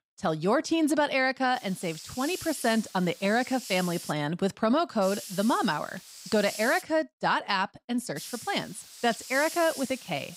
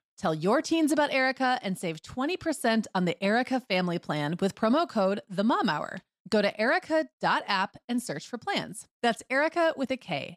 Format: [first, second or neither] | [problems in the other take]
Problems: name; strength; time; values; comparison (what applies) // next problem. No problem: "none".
second | hiss; noticeable; from 1.5 to 4 s, from 5 to 7 s and from 8 s on; 10 dB below the speech